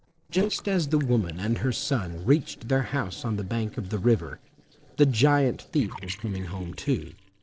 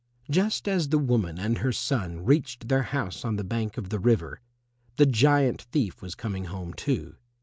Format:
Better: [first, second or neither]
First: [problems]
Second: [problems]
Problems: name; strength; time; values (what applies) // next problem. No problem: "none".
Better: second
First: noise reduction (neural separator model SepFormer DNS4)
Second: none